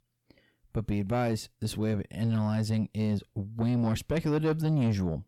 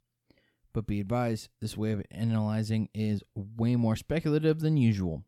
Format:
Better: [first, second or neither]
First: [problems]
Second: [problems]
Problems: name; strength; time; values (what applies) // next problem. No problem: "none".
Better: second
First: distortion; slight; 10 dB below the speech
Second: none